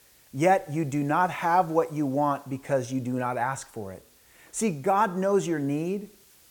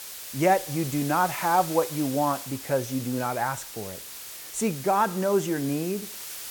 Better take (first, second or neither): first